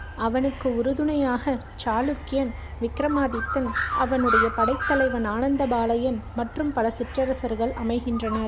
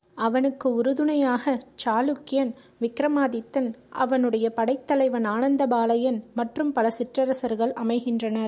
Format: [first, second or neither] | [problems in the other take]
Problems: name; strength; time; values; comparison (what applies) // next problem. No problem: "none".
second | background sound (Bird); 6 dB below the speech